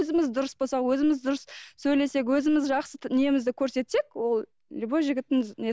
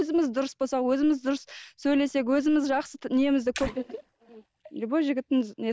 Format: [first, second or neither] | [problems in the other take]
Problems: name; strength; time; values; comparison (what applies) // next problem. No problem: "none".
first | noise reduction (neural mask model DeepFilterNet 3)